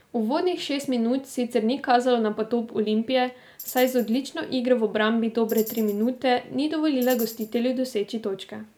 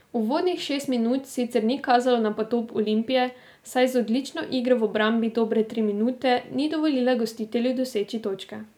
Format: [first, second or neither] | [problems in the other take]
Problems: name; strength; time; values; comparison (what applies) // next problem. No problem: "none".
second | background sound (Tambourine); 18 dB below the speech